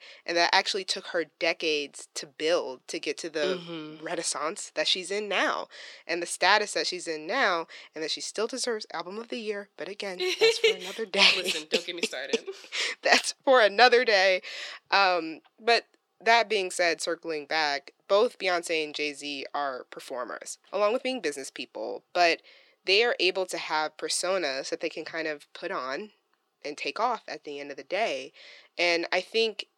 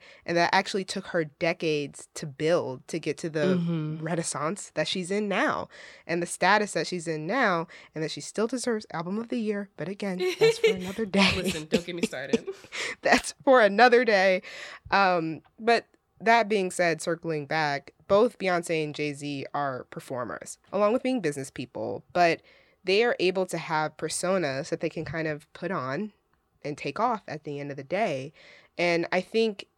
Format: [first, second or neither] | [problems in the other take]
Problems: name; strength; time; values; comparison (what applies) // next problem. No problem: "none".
second | thin; somewhat; fading below 300 Hz